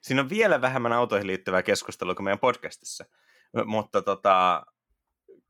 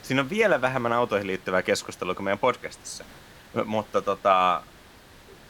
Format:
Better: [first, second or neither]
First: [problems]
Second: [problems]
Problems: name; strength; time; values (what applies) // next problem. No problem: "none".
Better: first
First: none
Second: hiss; faint; throughout; 25 dB below the speech